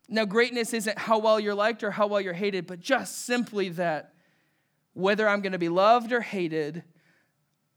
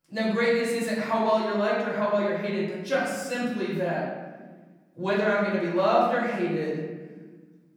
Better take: first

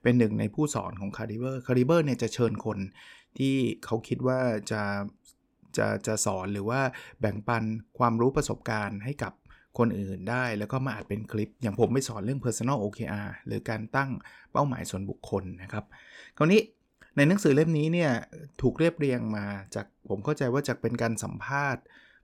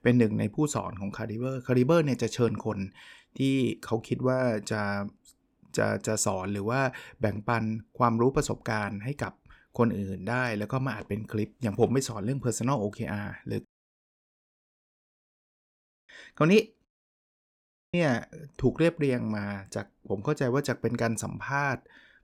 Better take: first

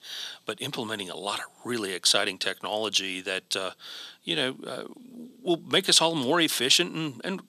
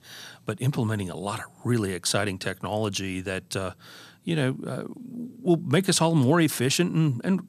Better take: second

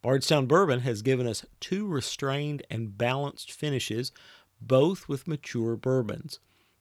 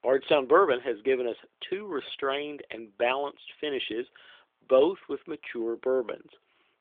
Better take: first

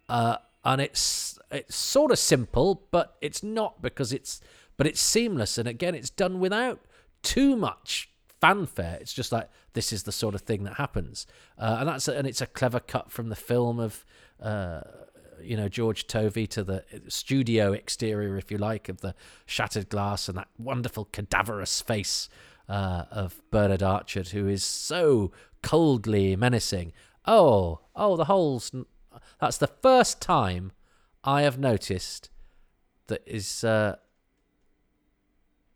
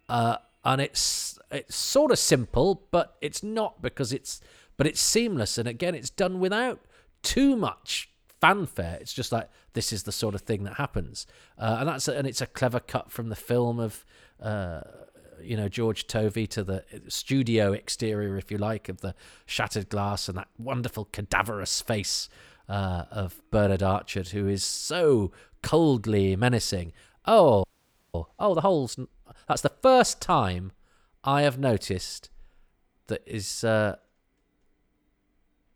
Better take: first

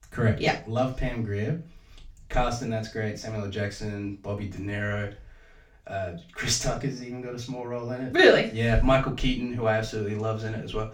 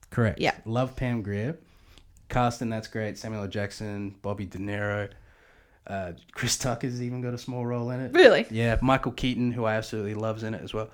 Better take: second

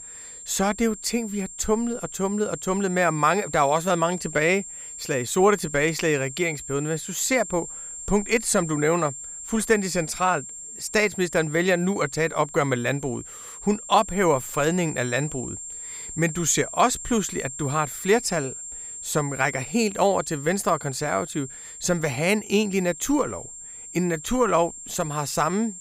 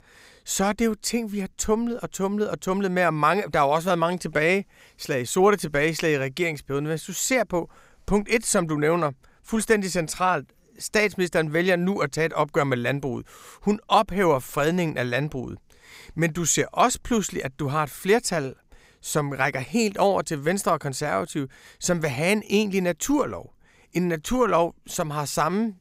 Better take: second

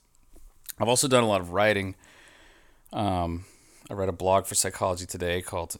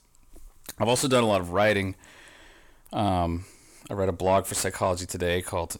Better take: first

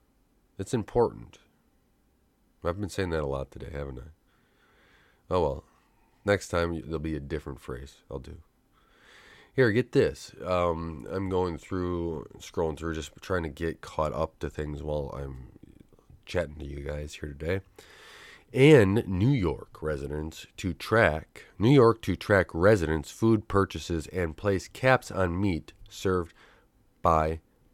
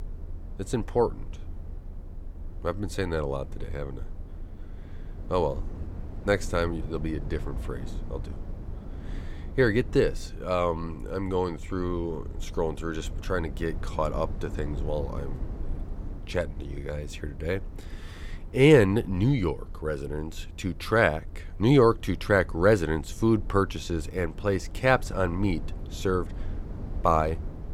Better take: first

